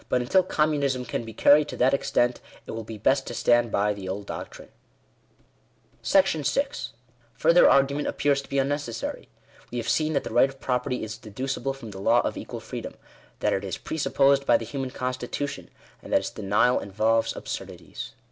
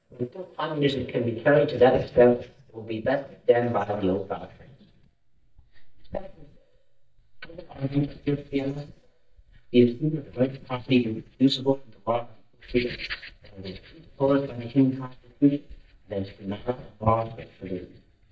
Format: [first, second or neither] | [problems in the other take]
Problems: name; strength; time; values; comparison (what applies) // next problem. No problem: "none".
first | noise reduction (neural mask model DeepFilterNet 3)